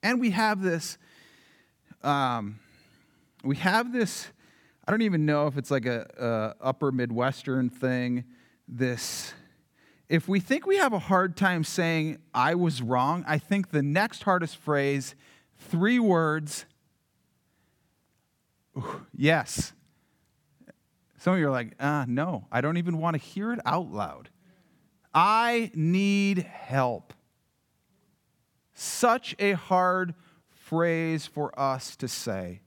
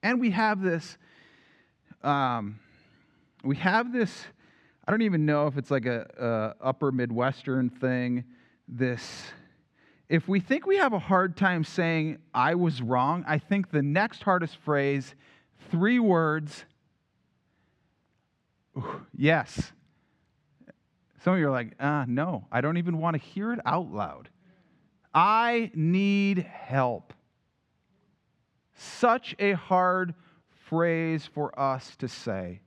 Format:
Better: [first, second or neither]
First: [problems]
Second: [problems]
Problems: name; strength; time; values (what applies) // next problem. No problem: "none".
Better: first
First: none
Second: muffled; slightly; fading above 3.5 kHz